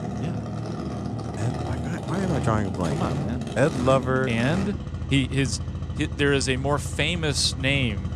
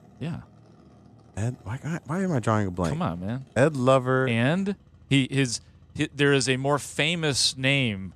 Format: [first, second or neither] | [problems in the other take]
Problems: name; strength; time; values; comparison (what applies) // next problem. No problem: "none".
second | traffic noise; loud; throughout; 6 dB below the speech; faint in the second